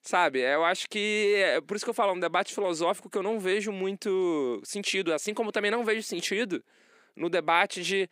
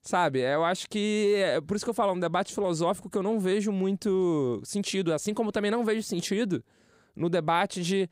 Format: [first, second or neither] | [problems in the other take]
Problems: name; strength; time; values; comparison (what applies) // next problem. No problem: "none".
second | thin; somewhat; fading below 250 Hz